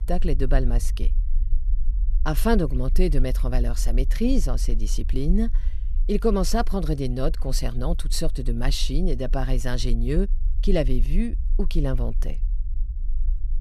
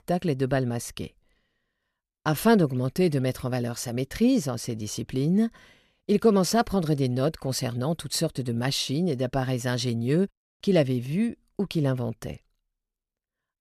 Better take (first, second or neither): second